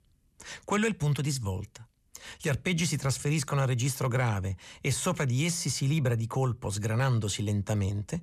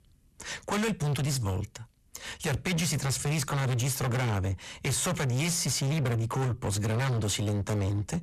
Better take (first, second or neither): first